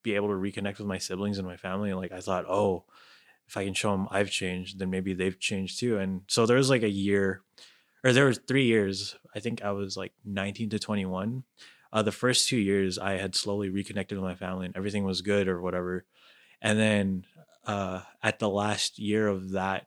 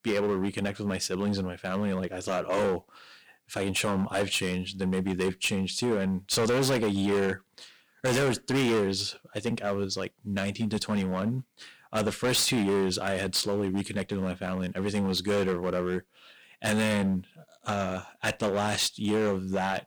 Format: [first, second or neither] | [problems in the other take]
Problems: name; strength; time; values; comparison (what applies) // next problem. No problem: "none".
first | distortion; heavy; 11% of the sound clipped